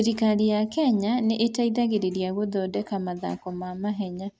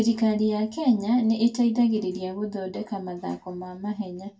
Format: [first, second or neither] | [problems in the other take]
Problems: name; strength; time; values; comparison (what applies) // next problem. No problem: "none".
first | room echo; dies away in 0.2 s